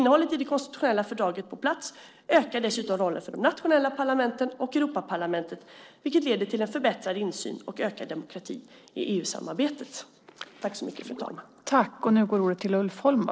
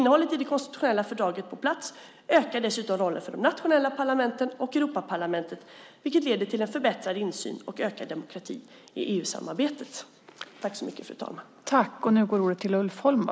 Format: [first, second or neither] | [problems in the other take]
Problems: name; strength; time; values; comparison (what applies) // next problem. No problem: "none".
second | noise reduction (neural separator model SepFormer DNS4)